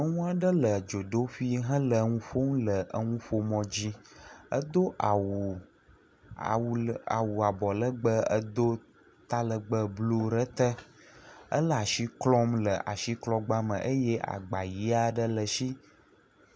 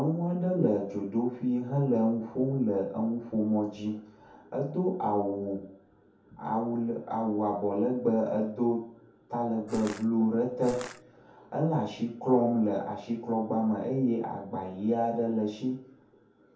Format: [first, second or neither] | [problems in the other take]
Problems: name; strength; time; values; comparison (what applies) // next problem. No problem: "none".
first | background sound (Crushing); 14 dB below the speech // room echo; dies away in 0.5 s